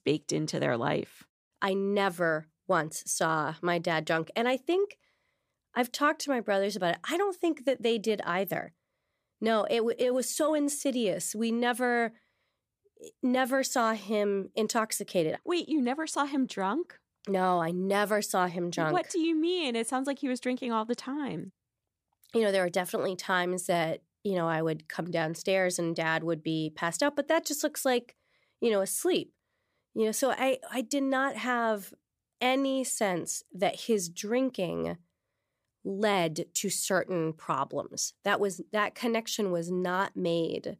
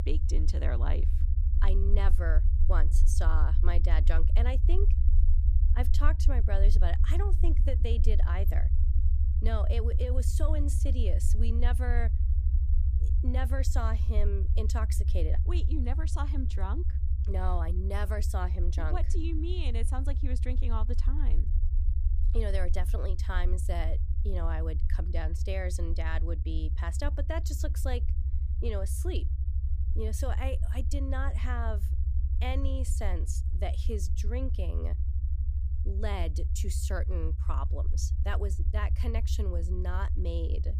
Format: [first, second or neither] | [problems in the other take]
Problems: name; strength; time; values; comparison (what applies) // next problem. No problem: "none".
first | low rumble; loud; throughout; 9 dB below the speech